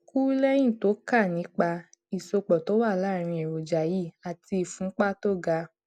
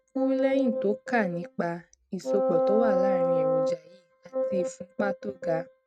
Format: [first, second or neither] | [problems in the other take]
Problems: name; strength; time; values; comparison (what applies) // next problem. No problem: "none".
first | noise reduction (neural mask model RNNoise)